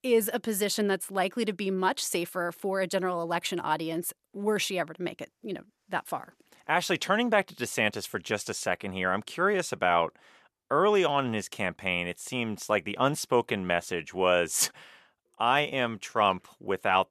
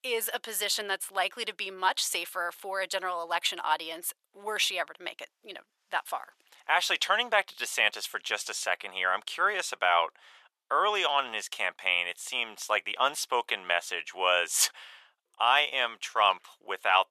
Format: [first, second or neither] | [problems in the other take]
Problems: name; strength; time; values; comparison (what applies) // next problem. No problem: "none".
first | thin; very; fading below 850 Hz